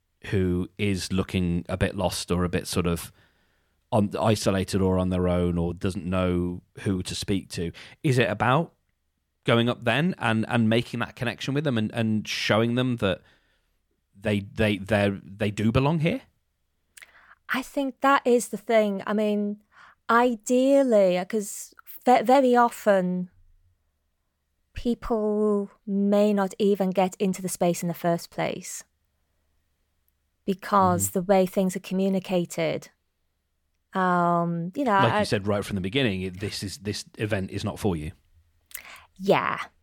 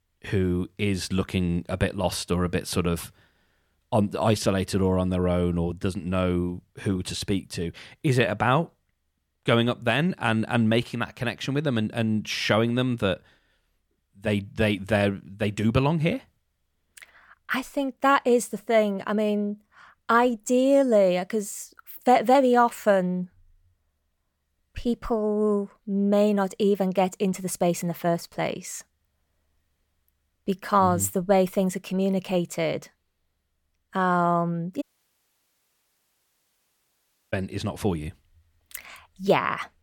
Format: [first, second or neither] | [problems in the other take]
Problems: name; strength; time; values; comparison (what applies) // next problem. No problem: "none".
first | audio cutting out; at 35 s for 2.5 s